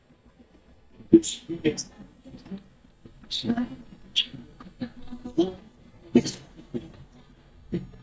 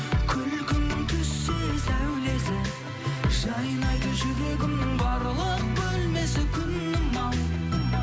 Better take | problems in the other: second | noise reduction (neural mask model DeepFilterNet 3)

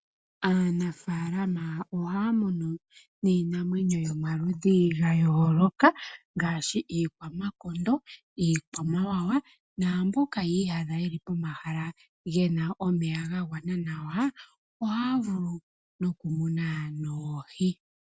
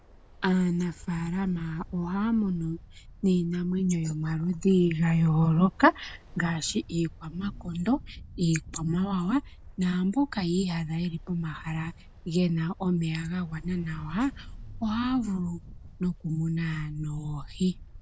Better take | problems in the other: first | background sound (Ocean); 17 dB below the speech

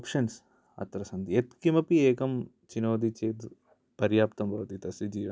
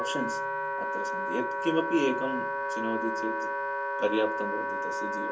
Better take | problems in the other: first | background sound (Wind instrument, woodwind instrument); 1 dB above the speech // room echo; dies away in 0.2 s

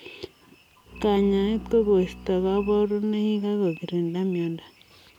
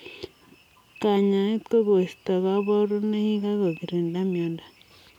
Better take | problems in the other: second | background sound (Bowed string instrument); 17 dB below the speech

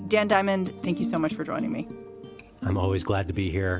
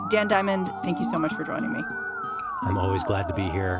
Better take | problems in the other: first | background sound (Musical instrument); 6 dB below the speech

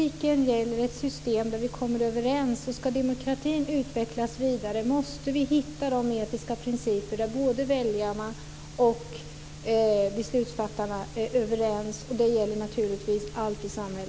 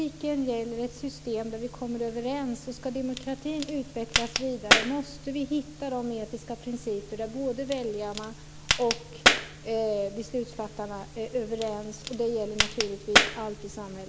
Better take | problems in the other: first | background sound (Crack); 2 dB above the speech

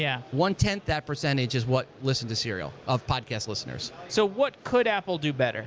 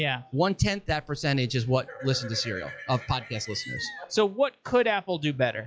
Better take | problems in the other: first | noise reduction (classical method log-MMSE)

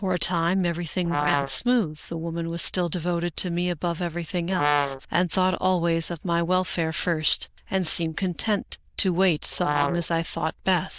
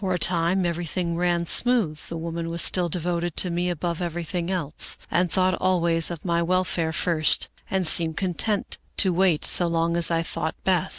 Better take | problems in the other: second | noise reduction (neural diffusion model UNIVERSE++)

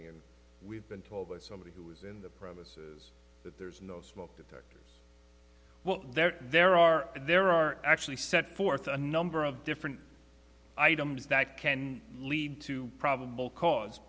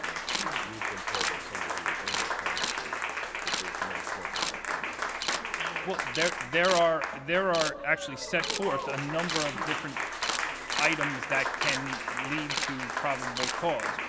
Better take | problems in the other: first | background sound (Applause + Camera); as loud as the speech

